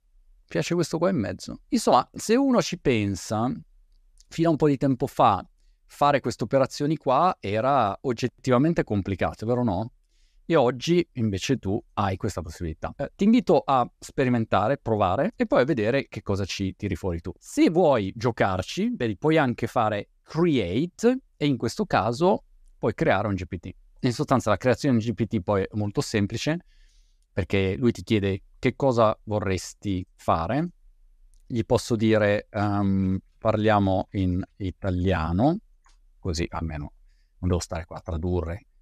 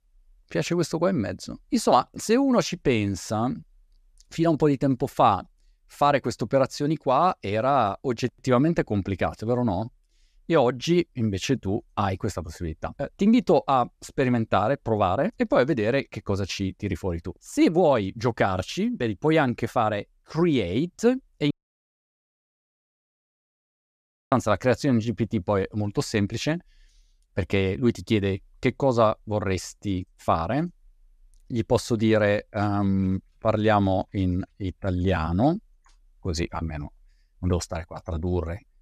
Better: first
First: none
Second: audio cutting out; at 22 s for 3 s

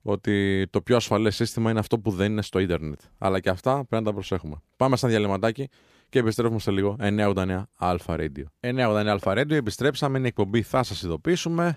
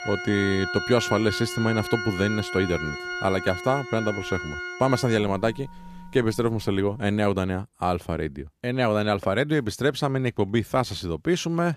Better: first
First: none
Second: background music; loud; until 7 s; 7 dB below the speech

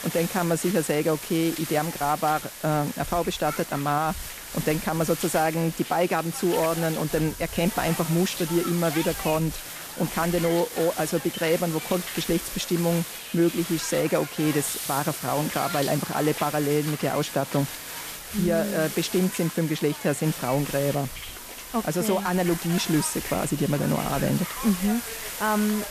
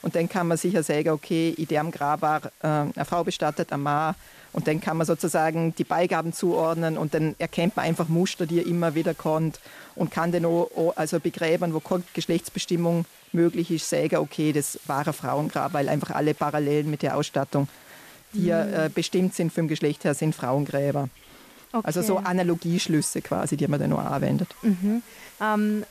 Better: second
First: hiss; loud; throughout; 7 dB below the speech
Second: hiss; faint; throughout; 25 dB below the speech

